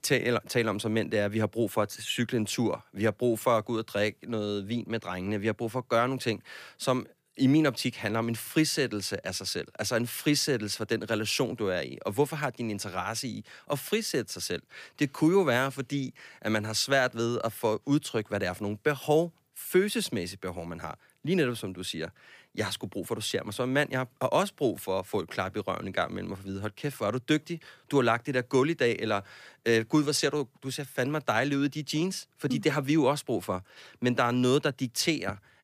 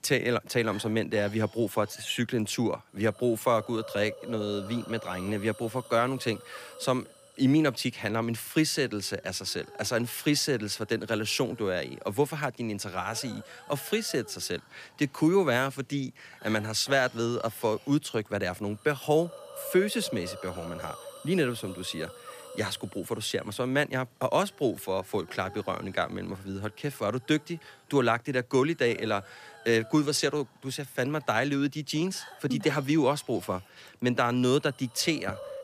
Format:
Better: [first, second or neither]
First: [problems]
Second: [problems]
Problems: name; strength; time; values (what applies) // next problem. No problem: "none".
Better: first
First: none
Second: hiss; noticeable; throughout; 20 dB below the speech